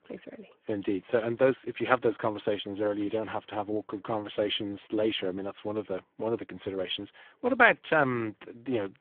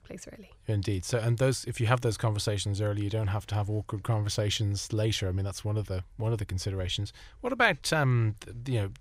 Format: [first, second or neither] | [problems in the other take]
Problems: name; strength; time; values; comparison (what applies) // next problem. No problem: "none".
second | phone-call audio; poor line; nothing above 3.5 kHz